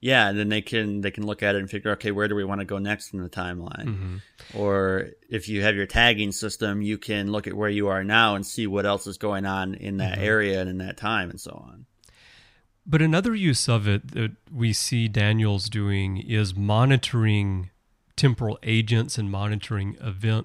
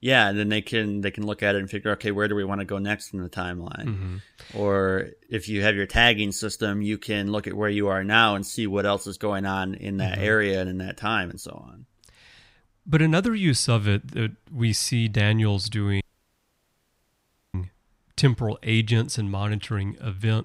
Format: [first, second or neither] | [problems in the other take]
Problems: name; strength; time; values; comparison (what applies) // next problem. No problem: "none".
first | audio cutting out; at 16 s for 1.5 s